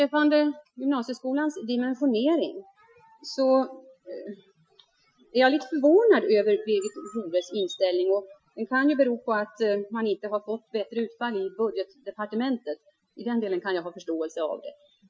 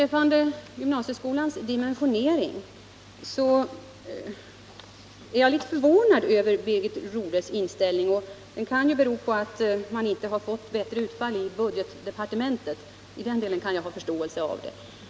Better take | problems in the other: second | noise reduction (classical method Wiener filter)

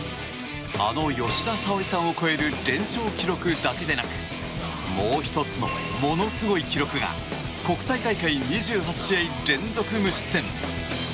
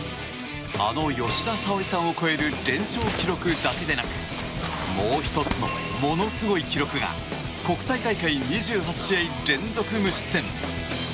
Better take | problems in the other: first | background sound (Crumpling, crinkling); 8 dB below the speech

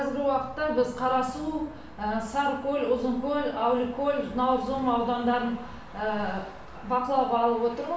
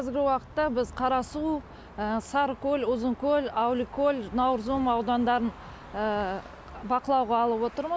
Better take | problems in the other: second | room echo; dies away in 0.7 s

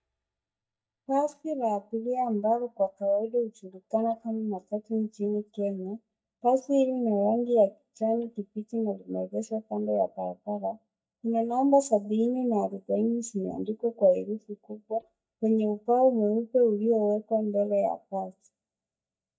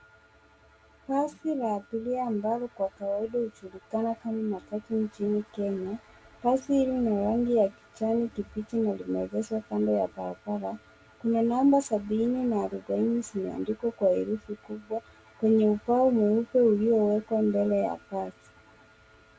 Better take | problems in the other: second | noise reduction (neural mask model DeepFilterNet 3)

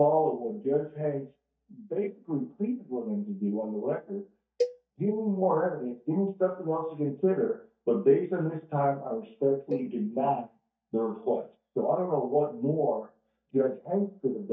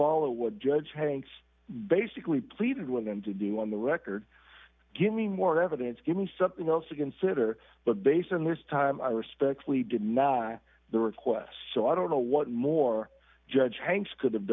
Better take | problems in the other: second | noise reduction (neural mask model DeepFilterNet 3)

